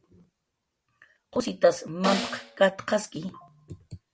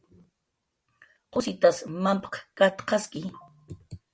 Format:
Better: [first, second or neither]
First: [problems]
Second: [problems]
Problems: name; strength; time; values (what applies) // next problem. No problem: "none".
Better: second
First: background sound (Snare drum); 6 dB below the speech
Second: none